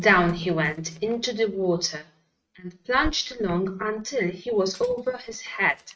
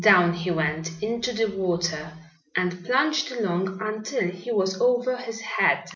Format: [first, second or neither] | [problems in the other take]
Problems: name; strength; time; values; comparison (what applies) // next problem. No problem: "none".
second | noise reduction (neural mask model RNNoise)